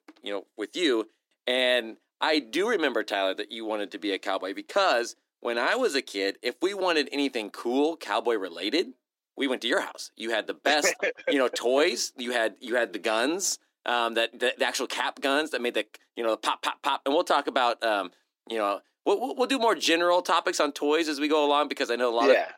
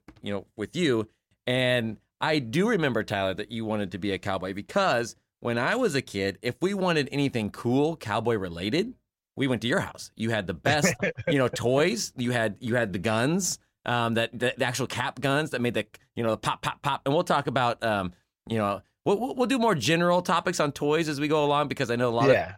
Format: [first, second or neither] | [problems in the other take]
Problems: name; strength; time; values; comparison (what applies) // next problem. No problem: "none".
second | thin; very slightly; fading below 300 Hz